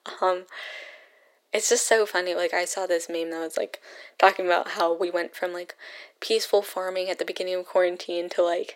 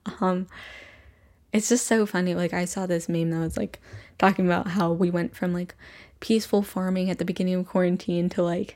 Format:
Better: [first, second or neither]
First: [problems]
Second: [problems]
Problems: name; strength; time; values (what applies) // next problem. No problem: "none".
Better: second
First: thin; very; fading below 350 Hz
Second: none